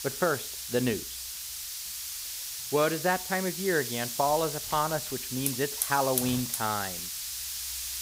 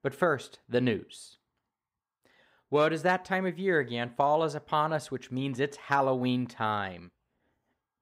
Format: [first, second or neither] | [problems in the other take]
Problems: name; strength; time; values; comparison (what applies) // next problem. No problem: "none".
second | hiss; loud; throughout; 3 dB below the speech